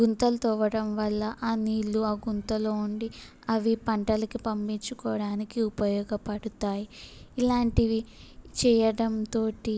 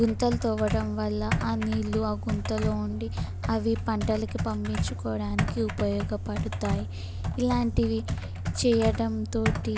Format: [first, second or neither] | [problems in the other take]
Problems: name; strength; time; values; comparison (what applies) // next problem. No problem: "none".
first | background sound (Computer keyboard); 2 dB below the speech